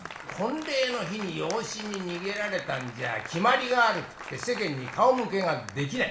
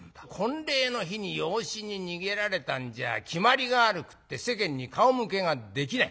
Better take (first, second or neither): second